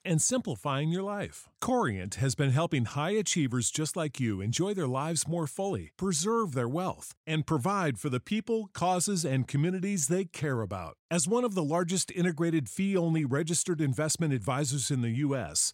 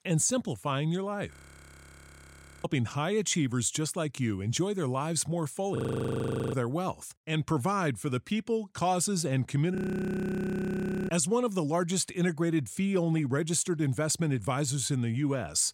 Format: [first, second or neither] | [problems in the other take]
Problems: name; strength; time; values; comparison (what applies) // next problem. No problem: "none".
first | audio freezing; at 1.5 s for 1.5 s, at 6 s for 1 s and at 10 s for 1.5 s